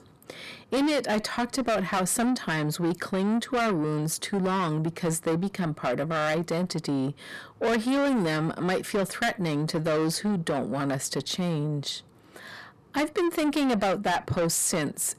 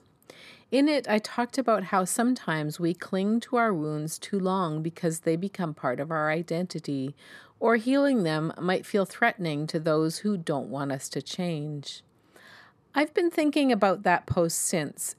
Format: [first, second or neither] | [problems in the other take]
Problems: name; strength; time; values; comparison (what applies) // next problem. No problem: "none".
second | distortion; heavy; 7 dB below the speech